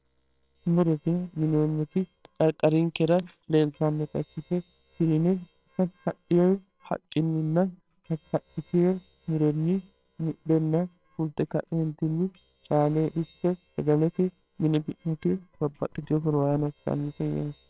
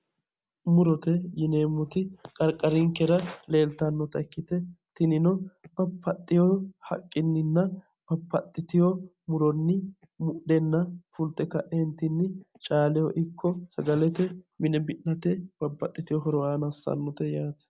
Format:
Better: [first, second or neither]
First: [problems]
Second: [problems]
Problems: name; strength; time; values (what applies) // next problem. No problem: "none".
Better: second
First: noise reduction (neural separator model SepFormer WHAMR!)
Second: none